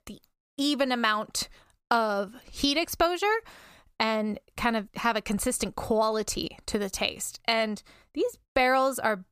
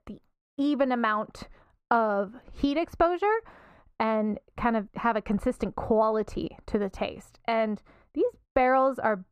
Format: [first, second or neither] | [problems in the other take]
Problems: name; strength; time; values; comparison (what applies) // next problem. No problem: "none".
first | muffled; very; fading above 3 kHz